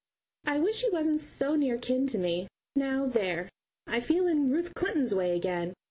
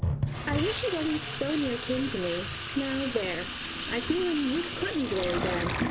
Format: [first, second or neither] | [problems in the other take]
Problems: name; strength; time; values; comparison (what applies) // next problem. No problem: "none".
first | background sound (Sink (filling or washing) / Water tap, faucet); 2 dB below the speech